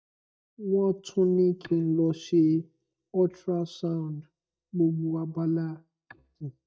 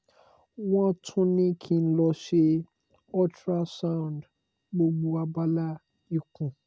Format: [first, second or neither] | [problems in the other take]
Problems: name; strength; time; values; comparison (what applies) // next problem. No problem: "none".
second | noise reduction (neural mask model DeepFilterNet 3)